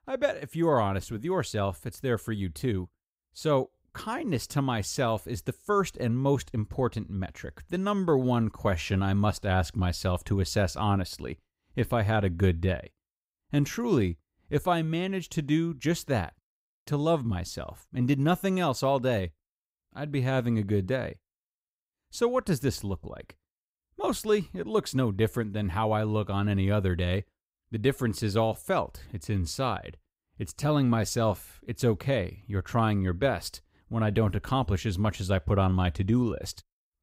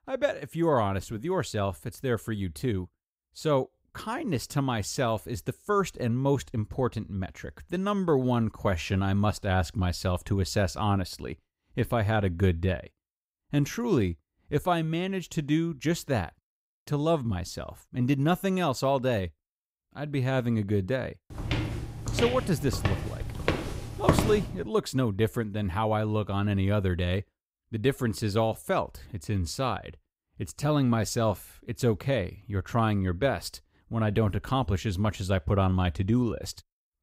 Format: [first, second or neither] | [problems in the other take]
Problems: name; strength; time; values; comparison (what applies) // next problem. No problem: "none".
first | footsteps; loud; from 21 to 25 s; peak 3 dB above the speech